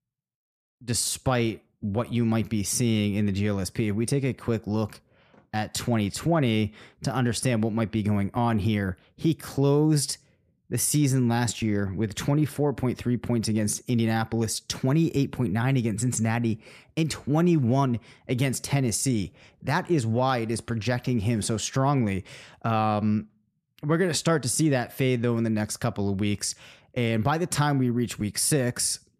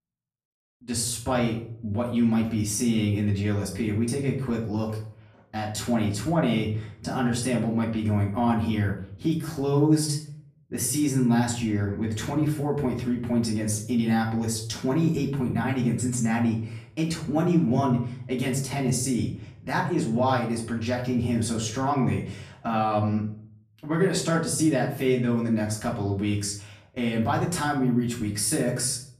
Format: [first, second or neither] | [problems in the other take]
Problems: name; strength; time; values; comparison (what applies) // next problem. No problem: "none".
first | off-mic speech; far // room echo; slight; dies away in 0.5 s